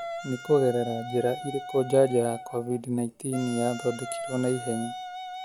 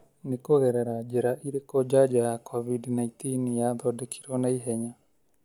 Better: second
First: background sound (Wind instrument, woodwind instrument); 11 dB below the speech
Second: none

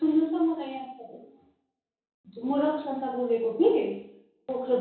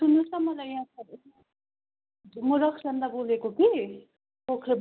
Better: second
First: room echo; dies away in 0.7 s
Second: none

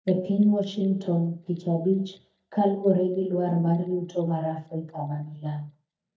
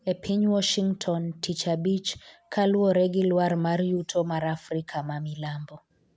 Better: second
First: noise reduction (neural mask model DeepFilterNet 3)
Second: none

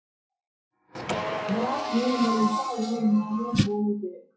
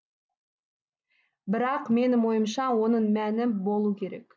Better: second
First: noise reduction (classical method WPE with log-MMSE)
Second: none

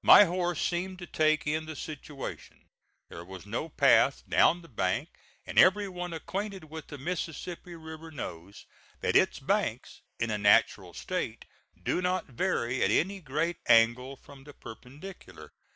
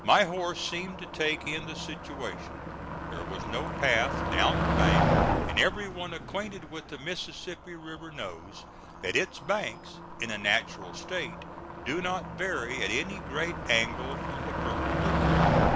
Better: first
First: none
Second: background sound (Motor vehicle (road)); 1 dB above the speech

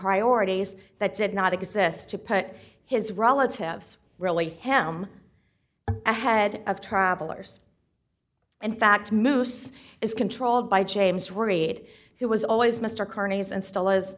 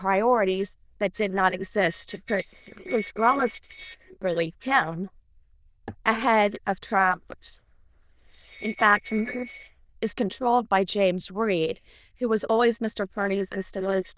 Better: first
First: none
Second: noise reduction (neural diffusion model UNIVERSE++)

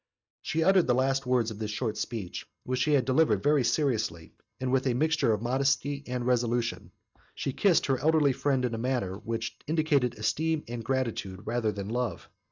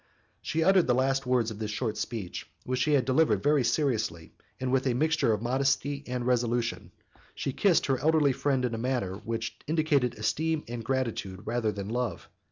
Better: second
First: noise reduction (neural mask model DeepFilterNet 3)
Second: none

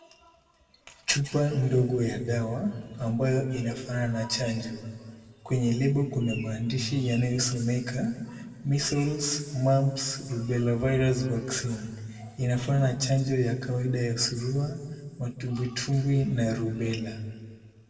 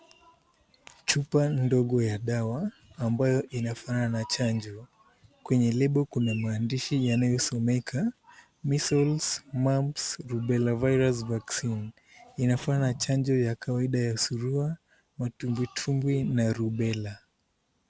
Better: second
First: room echo; dies away in 1.4 s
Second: none

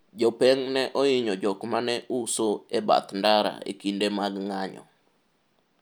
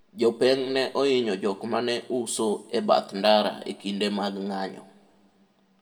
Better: first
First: none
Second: room echo; dies away in 1 s

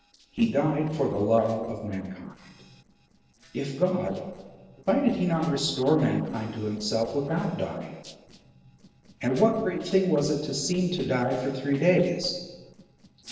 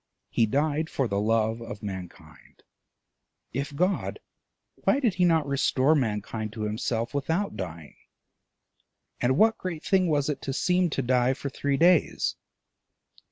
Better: second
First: noise reduction (neural separator model SepFormer DNS4)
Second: none

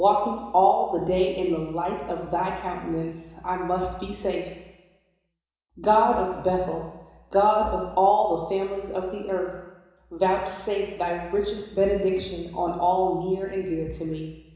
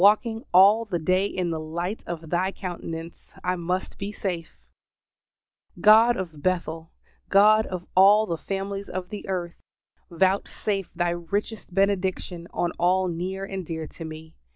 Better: second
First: room echo; dies away in 1 s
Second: none

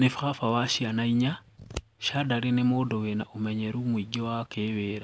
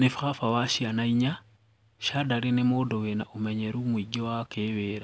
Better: second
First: background sound (Scissors); 15 dB below the speech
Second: none

